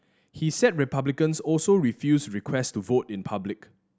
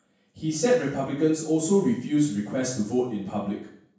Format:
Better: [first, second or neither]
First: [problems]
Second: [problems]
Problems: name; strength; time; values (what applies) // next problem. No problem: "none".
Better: first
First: none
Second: room echo; dies away in 0.7 s